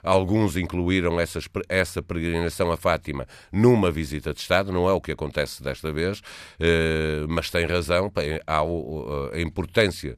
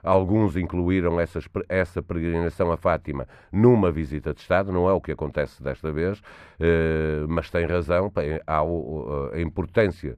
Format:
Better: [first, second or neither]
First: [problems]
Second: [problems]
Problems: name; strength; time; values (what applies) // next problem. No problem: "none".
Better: first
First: none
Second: muffled; very; fading above 2.5 kHz